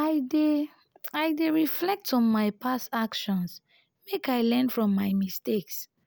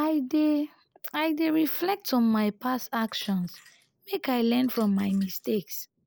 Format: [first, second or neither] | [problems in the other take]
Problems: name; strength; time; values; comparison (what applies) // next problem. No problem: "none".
first | noise reduction (neural mask model Resemble Enhance denoiser)